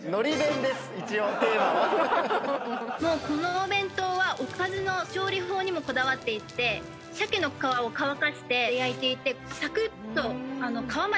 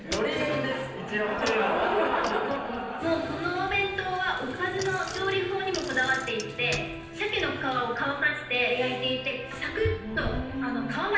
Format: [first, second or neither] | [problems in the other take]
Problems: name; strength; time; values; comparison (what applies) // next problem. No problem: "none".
first | background sound (Bicycle); 13 dB below the speech // room echo; dies away in 0.9 s